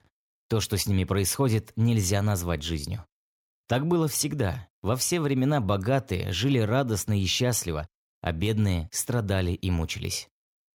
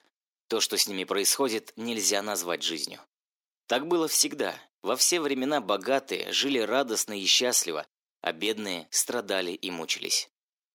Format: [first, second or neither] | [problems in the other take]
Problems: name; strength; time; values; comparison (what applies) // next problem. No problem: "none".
first | thin; somewhat; fading below 300 Hz